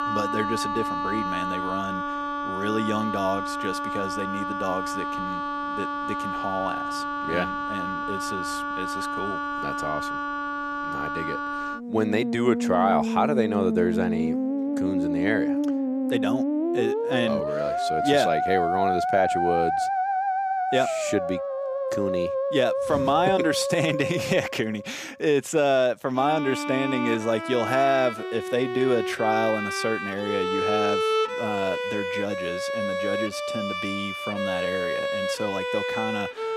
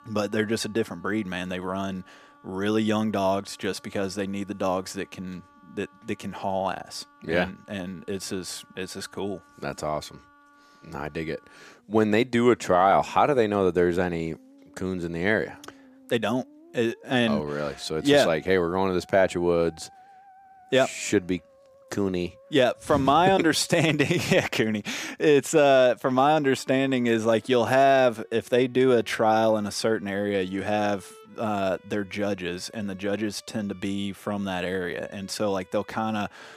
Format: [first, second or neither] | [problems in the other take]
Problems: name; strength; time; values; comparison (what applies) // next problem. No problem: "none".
second | background music; loud; throughout; as loud as the speech; faint in the second